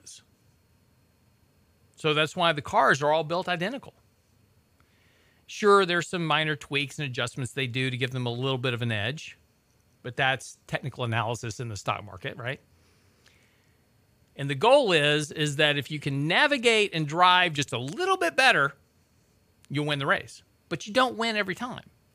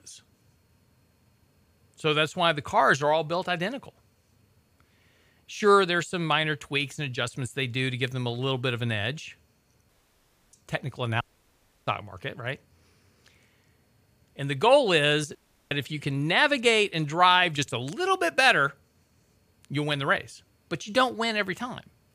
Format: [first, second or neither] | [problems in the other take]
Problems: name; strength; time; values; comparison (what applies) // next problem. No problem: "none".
first | audio cutting out; at 10 s for 0.5 s, at 11 s for 0.5 s and at 15 s